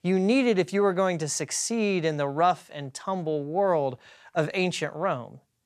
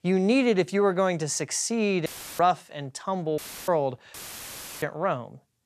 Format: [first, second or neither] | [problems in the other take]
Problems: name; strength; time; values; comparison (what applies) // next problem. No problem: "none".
first | audio cutting out; filled with static; at 2 s, at 3.5 s and at 4 s for 0.5 s